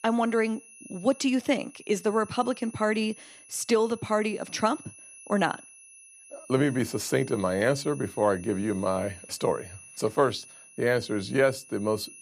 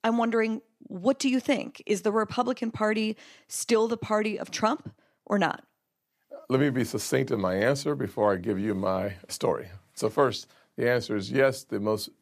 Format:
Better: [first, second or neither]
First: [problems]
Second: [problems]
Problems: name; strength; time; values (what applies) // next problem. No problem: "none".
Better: second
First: high-pitched whine; noticeable; throughout; 10.5 kHz, 20 dB below the speech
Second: none